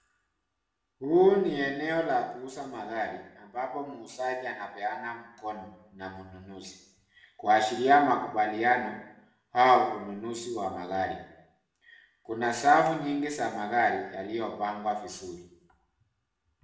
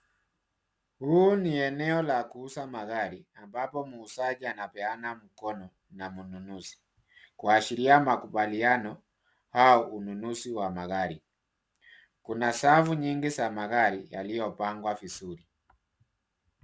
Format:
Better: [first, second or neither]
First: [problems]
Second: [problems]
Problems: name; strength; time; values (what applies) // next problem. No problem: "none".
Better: second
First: room echo; dies away in 0.8 s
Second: none